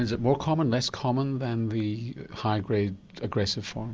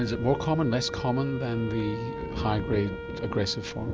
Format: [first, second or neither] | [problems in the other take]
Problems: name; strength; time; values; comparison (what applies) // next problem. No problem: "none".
first | background sound (Thunder + Wind instrument, woodwind instrument); 7 dB below the speech